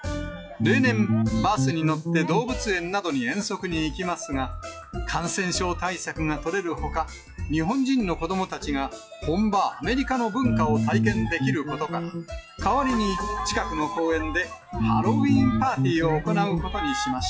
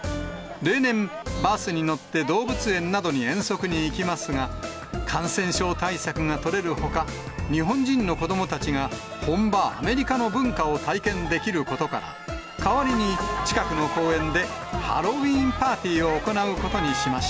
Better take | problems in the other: second | noise reduction (classical method log-MMSE)

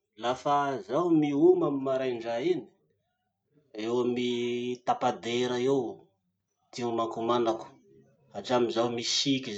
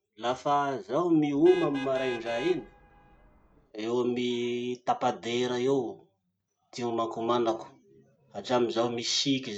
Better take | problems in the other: first | background sound (Vehicle horn, car horn, honking); 13 dB below the speech

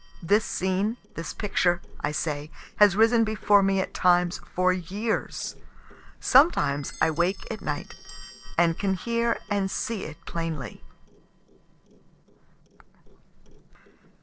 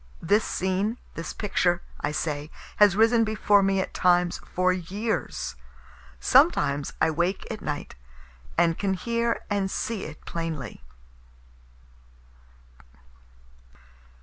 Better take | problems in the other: second | noise reduction (neural separator model SepFormer DNS4)

